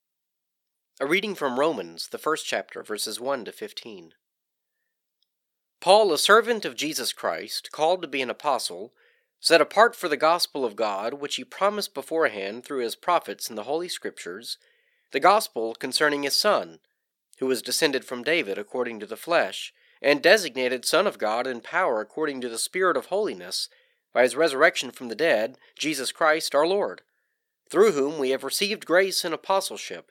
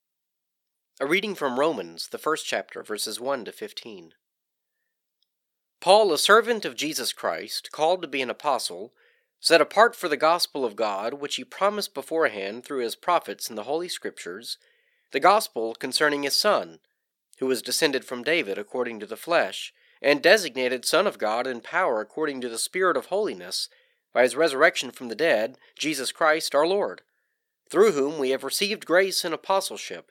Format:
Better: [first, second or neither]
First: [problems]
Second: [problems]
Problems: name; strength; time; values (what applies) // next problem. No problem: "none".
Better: neither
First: thin; somewhat; fading below 450 Hz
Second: thin; somewhat; fading below 450 Hz